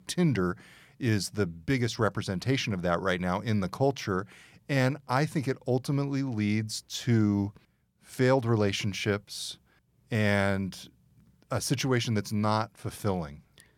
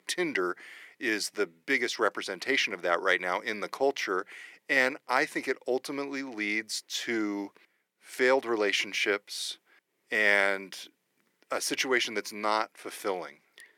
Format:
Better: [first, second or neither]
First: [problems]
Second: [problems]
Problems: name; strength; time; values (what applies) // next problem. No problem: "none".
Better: first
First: none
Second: thin; very; fading below 350 Hz